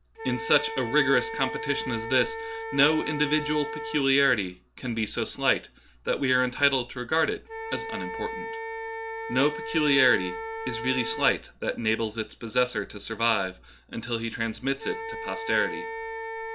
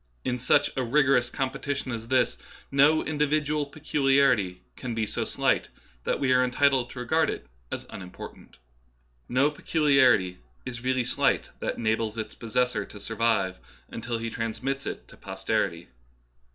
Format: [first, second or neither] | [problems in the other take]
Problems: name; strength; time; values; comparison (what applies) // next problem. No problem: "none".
second | background sound (Wind instrument, woodwind instrument); 9 dB below the speech